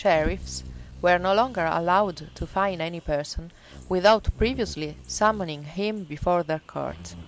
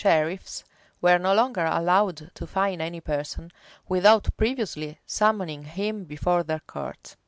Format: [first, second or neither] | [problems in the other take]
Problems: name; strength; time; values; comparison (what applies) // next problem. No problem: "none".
second | background sound (Bird vocalization, bird call, bird song); 16 dB below the speech